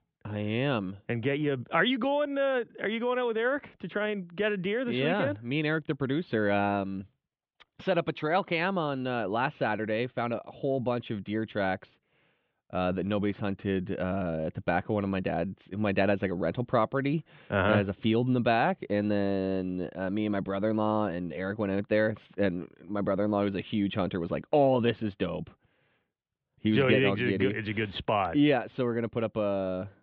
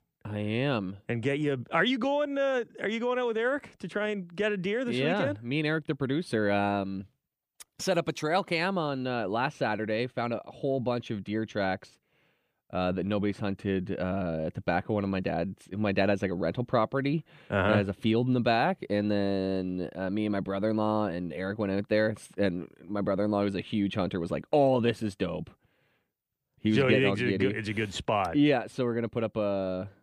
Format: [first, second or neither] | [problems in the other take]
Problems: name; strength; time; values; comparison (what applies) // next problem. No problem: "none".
second | muffled; slightly; fading above 3.5 kHz